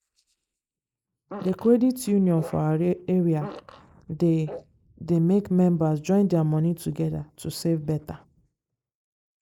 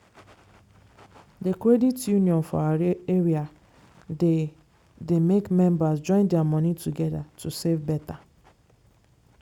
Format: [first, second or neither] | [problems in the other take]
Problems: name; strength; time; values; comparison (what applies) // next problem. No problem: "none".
second | noise reduction (neural mask model Resemble Enhance denoiser)